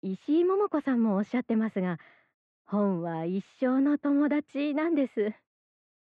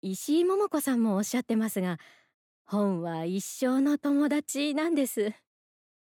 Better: second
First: muffled; very; fading above 2.5 kHz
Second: none

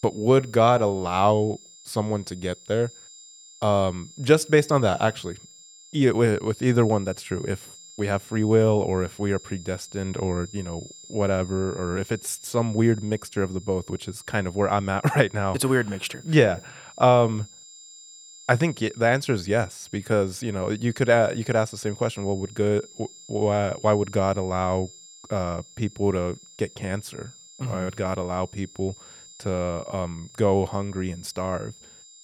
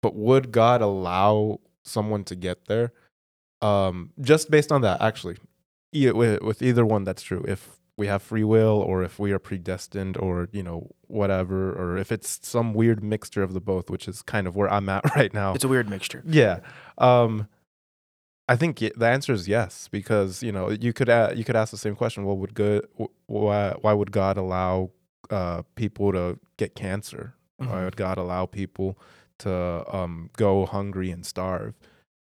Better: second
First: high-pitched whine; faint; throughout; 7.5 kHz, 20 dB below the speech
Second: none

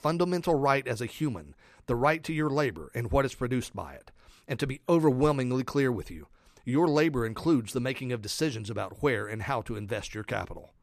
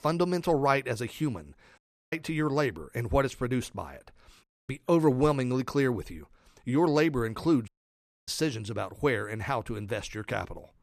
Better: first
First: none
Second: audio cutting out; at 2 s, at 4.5 s and at 7.5 s for 0.5 s

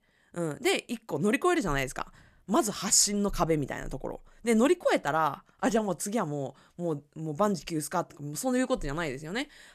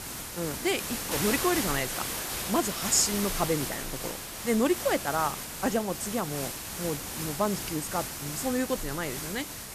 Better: first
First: none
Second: hiss; loud; throughout; 3 dB below the speech

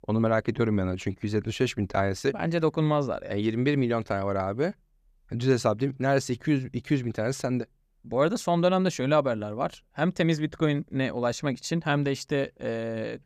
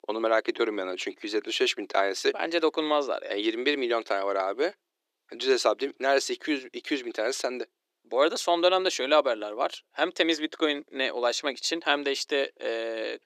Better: first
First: none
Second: thin; somewhat; fading below 350 Hz

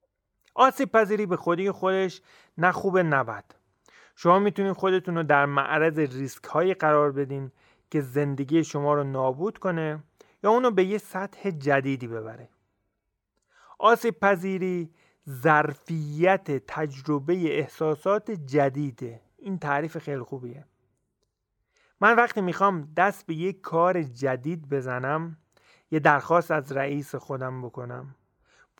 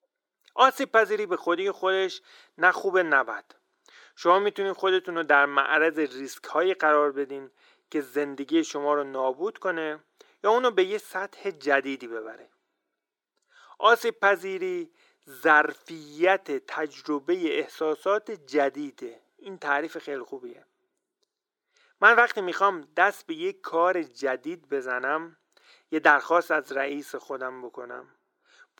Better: first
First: none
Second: thin; somewhat; fading below 300 Hz

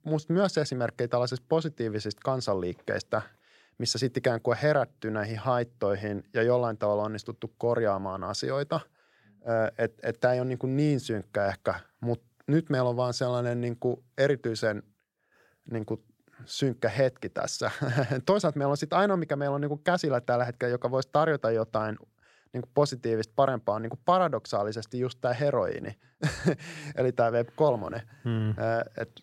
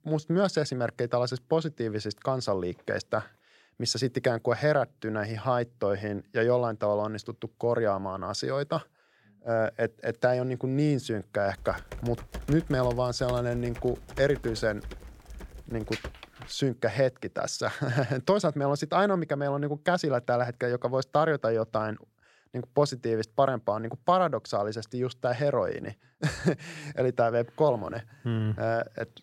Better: first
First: none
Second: keyboard typing; noticeable; from 12 to 17 s; peak 10 dB below the speech

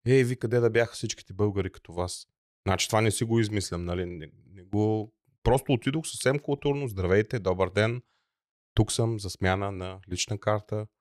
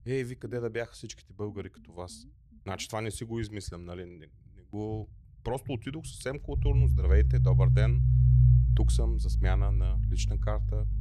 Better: first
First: none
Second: low rumble; loud; throughout; 1 dB below the speech

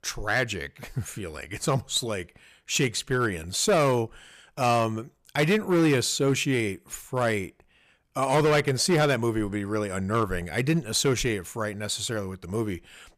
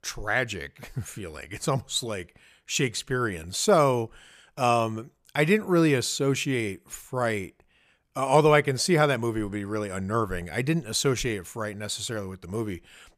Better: second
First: distortion; slight; 4% of the sound clipped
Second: none

